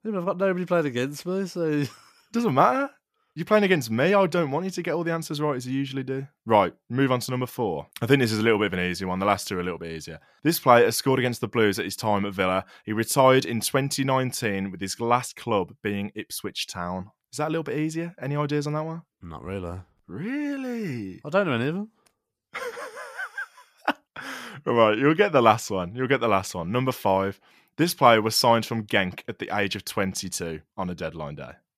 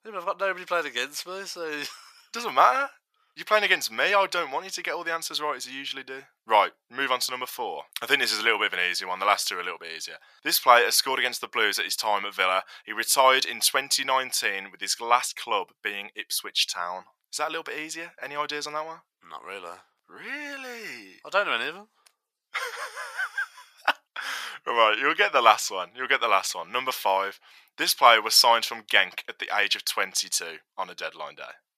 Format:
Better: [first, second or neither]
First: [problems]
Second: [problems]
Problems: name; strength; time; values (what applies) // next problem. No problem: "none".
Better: first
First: none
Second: thin; very; fading below 900 Hz